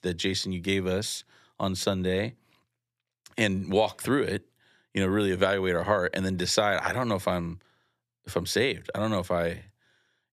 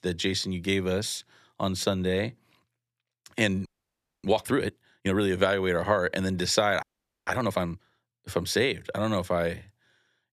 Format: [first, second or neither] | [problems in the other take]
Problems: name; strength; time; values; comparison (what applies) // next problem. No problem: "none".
first | audio freezing; at 3.5 s for 0.5 s and at 7 s